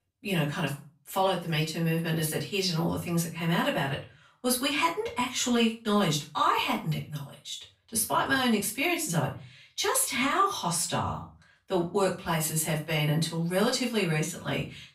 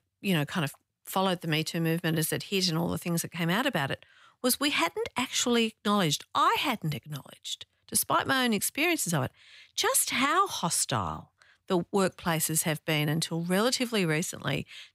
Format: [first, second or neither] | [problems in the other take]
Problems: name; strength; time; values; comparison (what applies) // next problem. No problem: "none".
second | room echo; slight; dies away in 0.3 s // off-mic speech; far